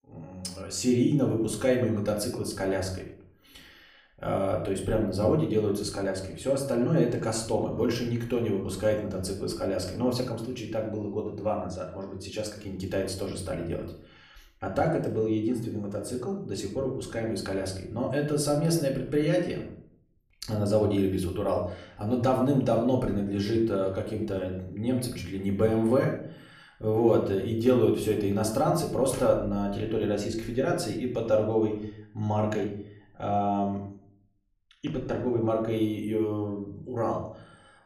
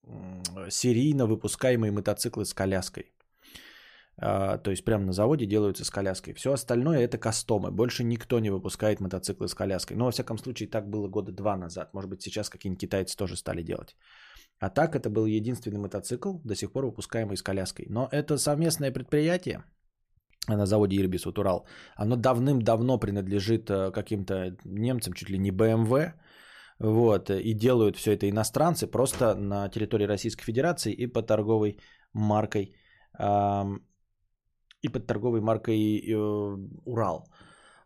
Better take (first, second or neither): second